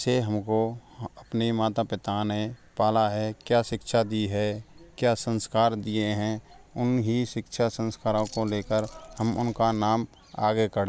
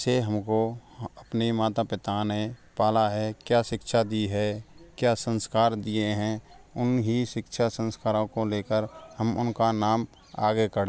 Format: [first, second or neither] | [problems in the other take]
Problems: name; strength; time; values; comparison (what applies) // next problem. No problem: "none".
second | background sound (Keys jangling); 18 dB below the speech